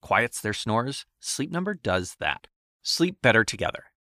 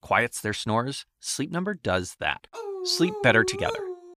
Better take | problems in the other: first | dog barking; noticeable; from 2.5 s on; peak 6 dB below the speech

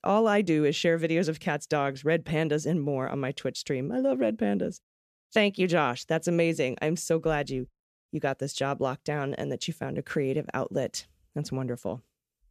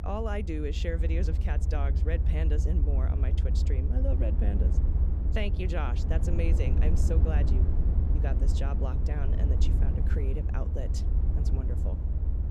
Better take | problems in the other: first | low rumble; loud; throughout; 5 dB below the speech

